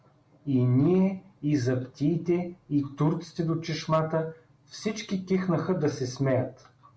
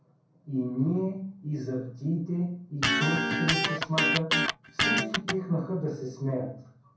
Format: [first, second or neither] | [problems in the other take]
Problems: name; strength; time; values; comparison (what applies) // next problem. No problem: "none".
first | background sound (Electric guitar); 4 dB above the speech // room echo; dies away in 0.6 s